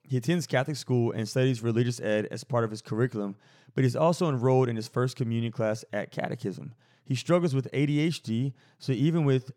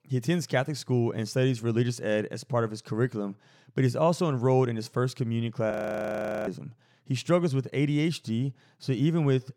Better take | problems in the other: first | audio freezing; at 5.5 s for 1 s

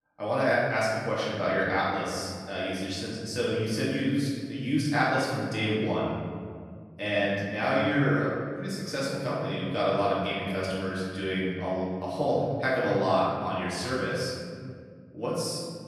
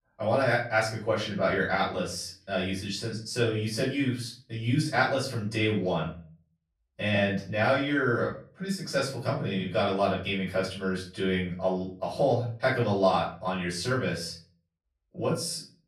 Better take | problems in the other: second | room echo; strong; dies away in 2.2 s; slight in the second // off-mic speech; far; far in the second

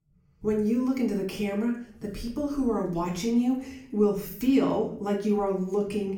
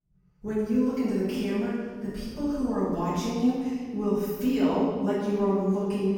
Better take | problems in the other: first | room echo; strong; dies away in 1.7 s; slight in the first // off-mic speech; far; far in the first

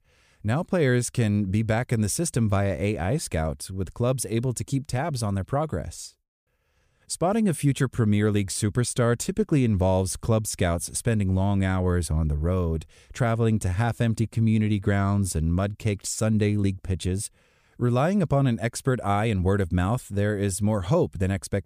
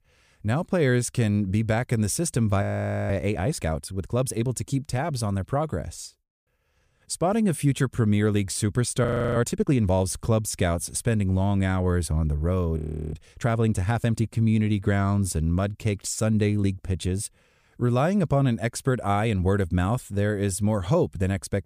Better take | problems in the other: first | audio freezing; at 2.5 s, at 9 s and at 13 s

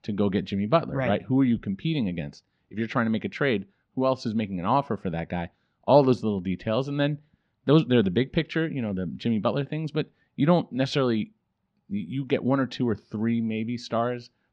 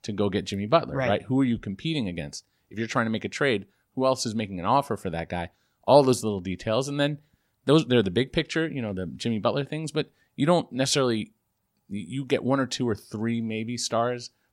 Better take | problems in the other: second | muffled; slightly; fading above 3.5 kHz

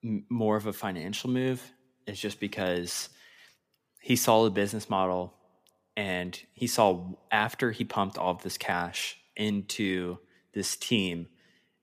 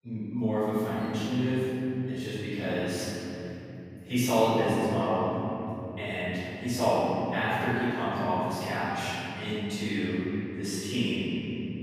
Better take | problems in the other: first | off-mic speech; far // room echo; strong; dies away in 3 s

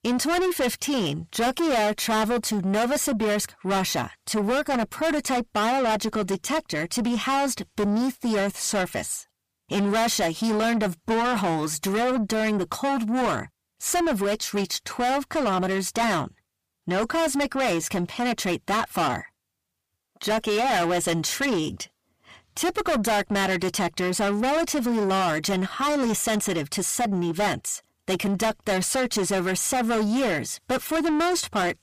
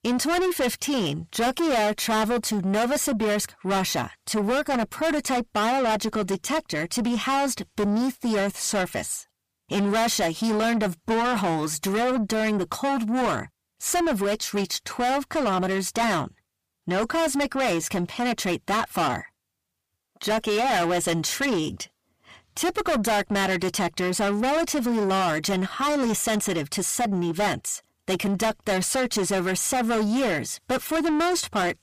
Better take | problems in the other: neither | distortion; heavy; 6 dB below the speech; the same in both

